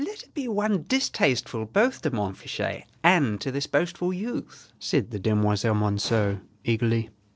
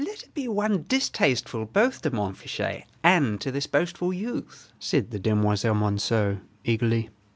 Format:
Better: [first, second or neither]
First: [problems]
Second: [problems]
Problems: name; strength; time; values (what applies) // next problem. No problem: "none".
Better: second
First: noise reduction (neural separator model SepFormer DNS4)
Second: none